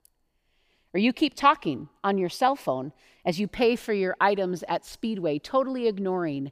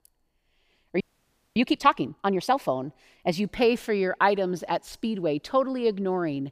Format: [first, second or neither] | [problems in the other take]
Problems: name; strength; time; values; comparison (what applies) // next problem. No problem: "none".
first | audio freezing; at 1 s for 0.5 s